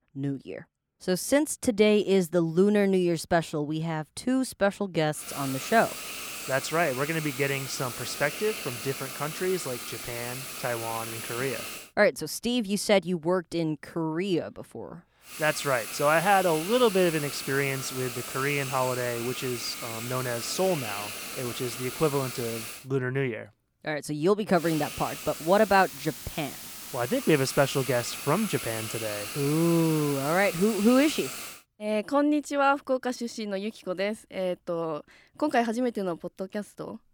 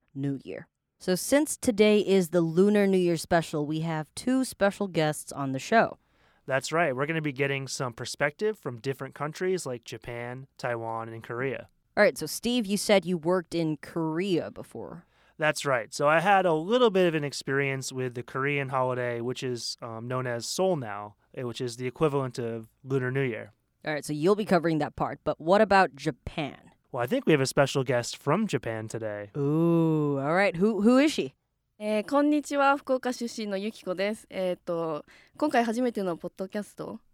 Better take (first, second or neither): second